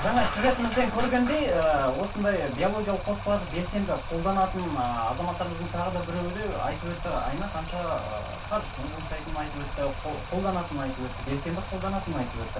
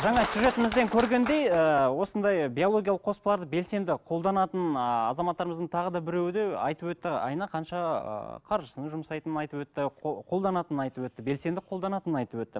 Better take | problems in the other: second | background sound (Stream); 7 dB below the speech // room echo; dies away in 0.2 s

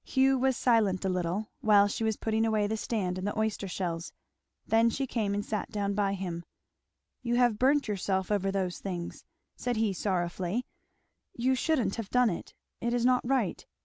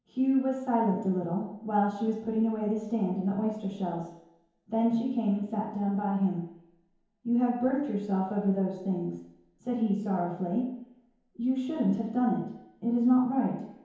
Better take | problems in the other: first | room echo; dies away in 1 s

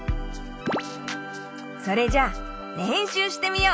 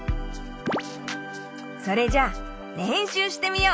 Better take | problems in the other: second | background sound (Wind instrument, woodwind instrument); 18 dB below the speech

